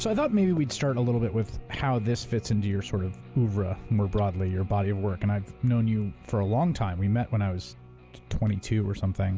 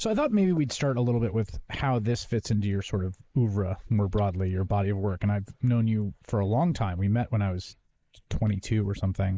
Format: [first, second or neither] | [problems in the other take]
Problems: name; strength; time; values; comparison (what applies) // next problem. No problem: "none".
first | noise reduction (neural mask model Resemble Enhance denoiser)